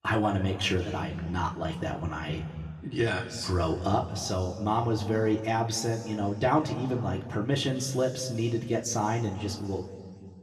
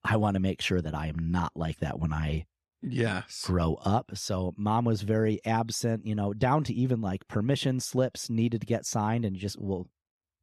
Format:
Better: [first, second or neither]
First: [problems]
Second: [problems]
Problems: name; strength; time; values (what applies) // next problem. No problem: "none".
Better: second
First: room echo; slight; dies away in 1.7 s // off-mic speech; somewhat distant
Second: none